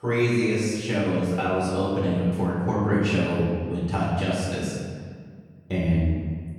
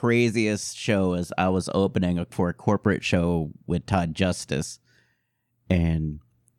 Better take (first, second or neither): second